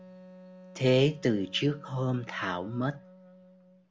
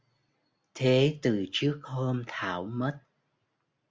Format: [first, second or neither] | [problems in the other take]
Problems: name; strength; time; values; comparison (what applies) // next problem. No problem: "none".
second | background sound (Wind instrument, woodwind instrument); 20 dB below the speech